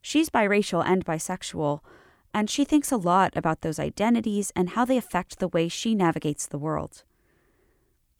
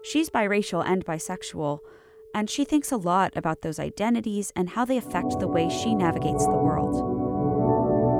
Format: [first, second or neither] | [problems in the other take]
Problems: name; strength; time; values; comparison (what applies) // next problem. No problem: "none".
first | background music; very loud; throughout; 2 dB above the speech